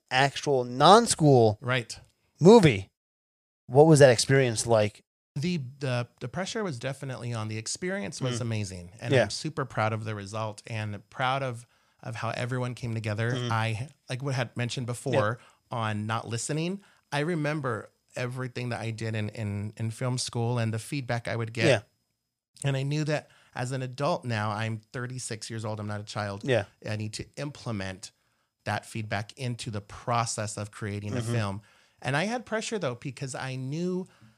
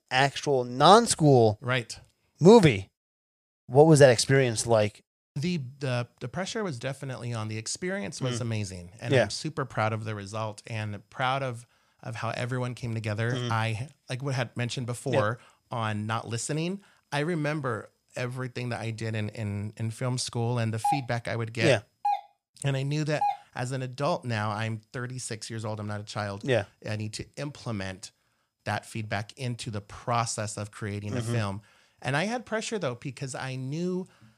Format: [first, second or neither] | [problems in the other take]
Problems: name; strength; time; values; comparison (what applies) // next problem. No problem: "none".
first | doorbell; noticeable; from 21 to 23 s; peak 2 dB below the speech